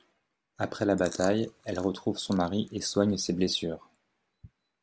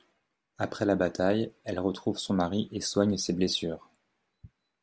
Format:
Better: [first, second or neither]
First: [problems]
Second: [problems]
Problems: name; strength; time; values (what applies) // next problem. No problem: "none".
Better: second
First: background sound (Chewing, mastication); 19 dB below the speech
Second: none